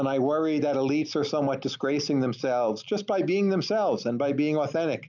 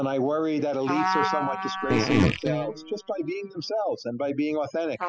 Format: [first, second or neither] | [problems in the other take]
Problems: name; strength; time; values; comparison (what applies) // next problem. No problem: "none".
first | noise reduction (classical method spectral subtraction)